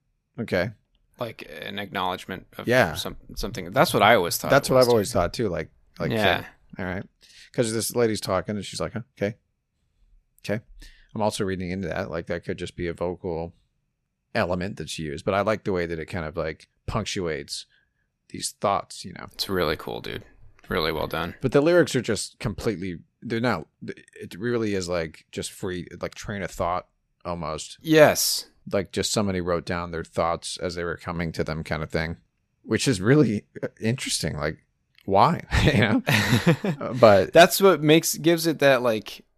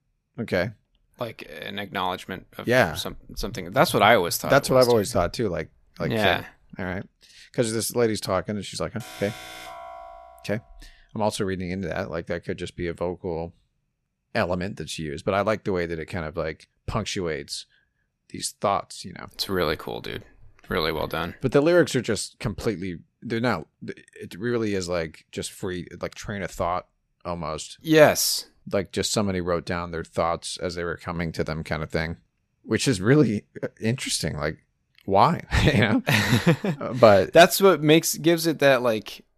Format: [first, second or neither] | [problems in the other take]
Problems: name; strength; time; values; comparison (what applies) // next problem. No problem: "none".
first | alarm; faint; from 9 to 11 s; peak 15 dB below the speech